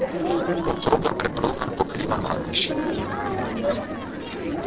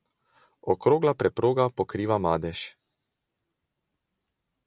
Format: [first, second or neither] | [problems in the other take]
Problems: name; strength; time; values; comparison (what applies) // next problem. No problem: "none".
second | noise reduction (neural separator model SepFormer DNS4)